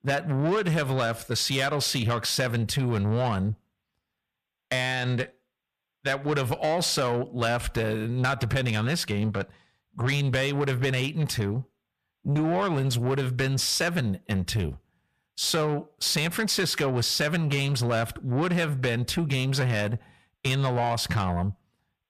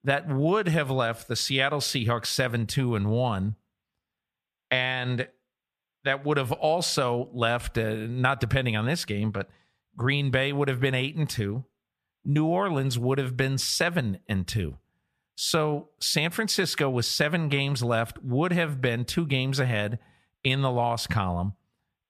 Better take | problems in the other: second | distortion; slight; 10 dB below the speech

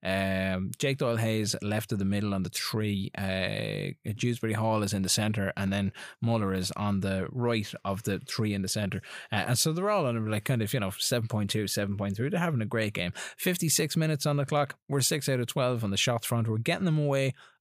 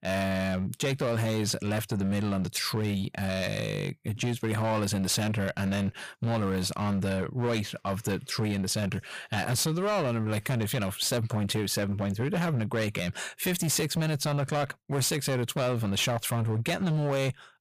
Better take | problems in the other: first | distortion; slight; 17% of the sound clipped

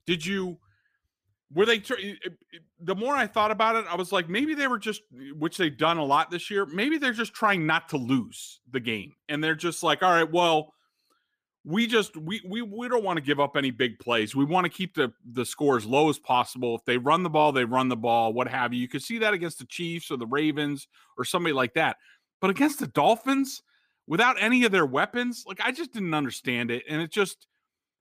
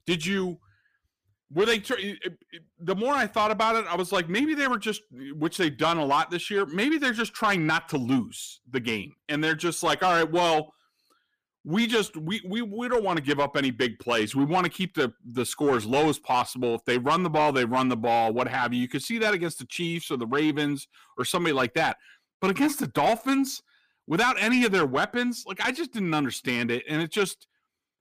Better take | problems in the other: first | distortion; slight; 10 dB below the speech

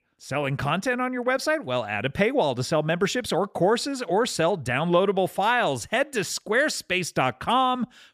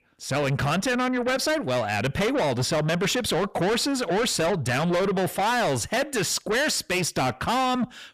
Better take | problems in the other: first | distortion; heavy; 6 dB below the speech

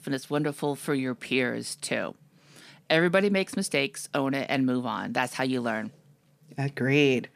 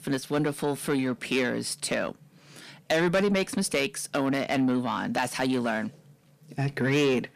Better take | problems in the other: first | distortion; slight; 10 dB below the speech

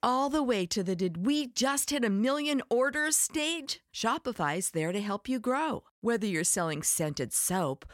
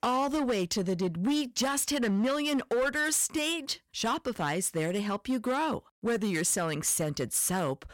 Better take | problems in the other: first | distortion; slight; 12% of the sound clipped

